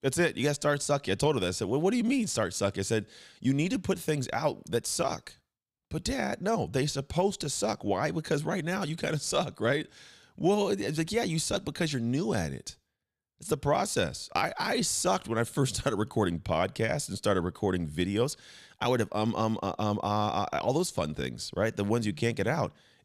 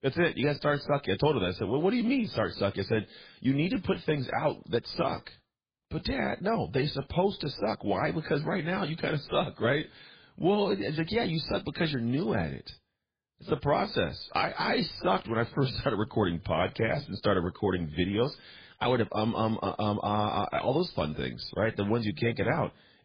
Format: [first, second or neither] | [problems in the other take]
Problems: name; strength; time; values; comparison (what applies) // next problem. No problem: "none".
first | garbled, watery; badly; nothing above 4.5 kHz